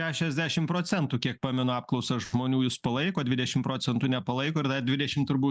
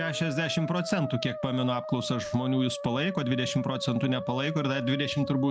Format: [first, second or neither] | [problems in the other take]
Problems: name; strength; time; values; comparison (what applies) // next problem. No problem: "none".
first | background sound (Musical instrument); 9 dB below the speech